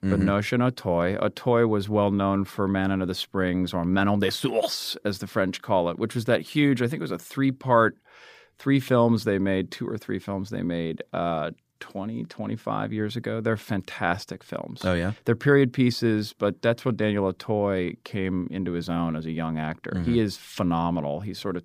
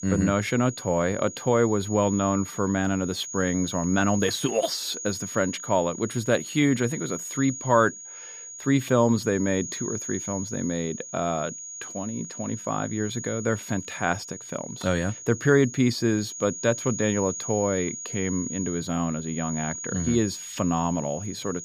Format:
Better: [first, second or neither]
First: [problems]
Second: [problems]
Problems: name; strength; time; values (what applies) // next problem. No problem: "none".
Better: first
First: none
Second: high-pitched whine; loud; throughout; 6.5 kHz, 9 dB below the speech